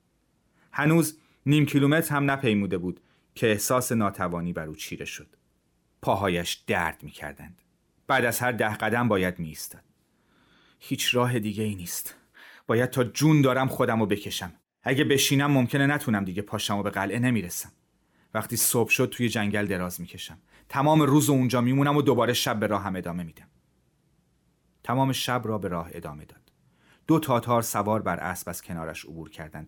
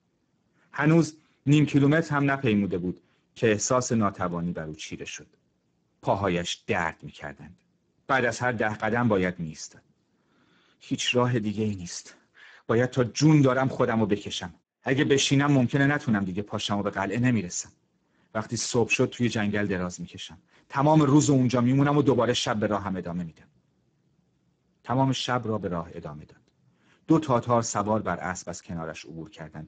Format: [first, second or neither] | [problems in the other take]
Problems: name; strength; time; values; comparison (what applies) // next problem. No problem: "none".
first | garbled, watery; badly; nothing above 7.5 kHz